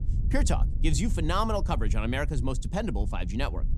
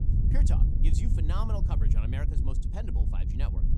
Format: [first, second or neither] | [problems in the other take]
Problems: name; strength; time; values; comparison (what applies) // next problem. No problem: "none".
first | wind noise on the microphone; heavy; 2 dB below the speech; occasional gusts in the first